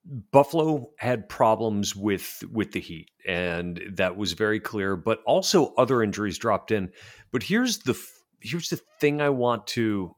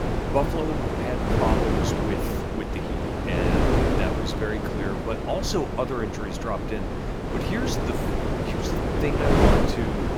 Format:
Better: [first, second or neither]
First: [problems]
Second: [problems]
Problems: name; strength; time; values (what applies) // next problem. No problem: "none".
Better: first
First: none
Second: wind noise on the microphone; heavy; 3 dB above the speech